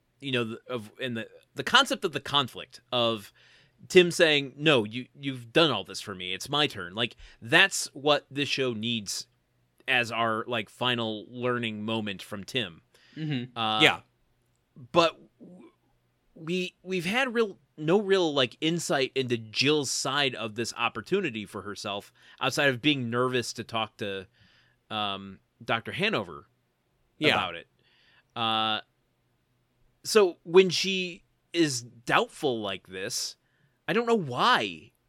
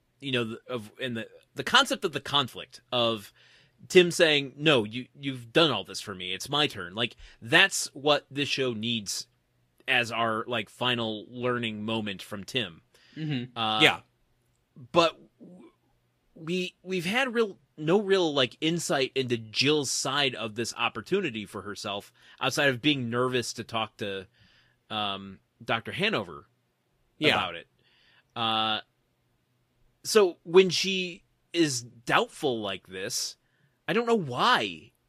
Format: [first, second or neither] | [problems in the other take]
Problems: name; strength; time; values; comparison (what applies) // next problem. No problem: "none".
first | garbled, watery; slightly; nothing above 13.5 kHz